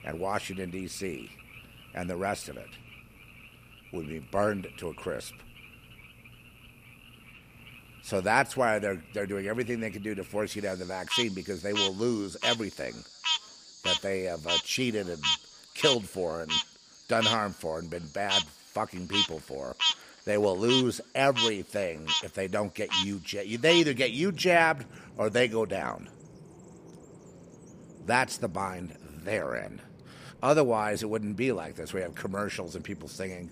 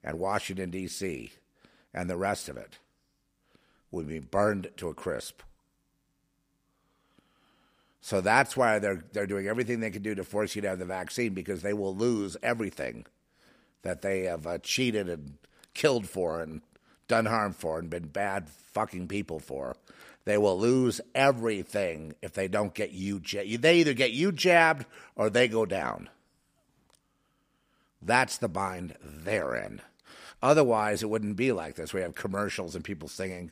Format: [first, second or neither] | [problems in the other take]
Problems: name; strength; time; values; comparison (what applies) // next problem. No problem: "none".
second | animal sounds; very loud; throughout; 1 dB above the speech